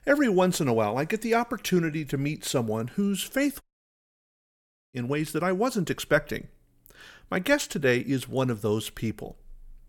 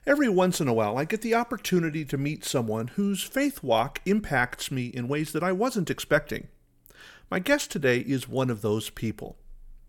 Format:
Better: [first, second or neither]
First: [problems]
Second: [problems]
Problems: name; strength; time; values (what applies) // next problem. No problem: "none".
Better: second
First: audio cutting out; at 3.5 s for 1.5 s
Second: none